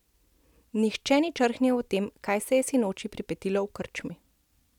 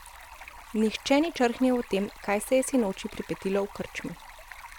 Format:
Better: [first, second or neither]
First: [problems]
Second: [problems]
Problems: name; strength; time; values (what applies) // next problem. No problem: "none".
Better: first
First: none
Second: background sound (Stream); 18 dB below the speech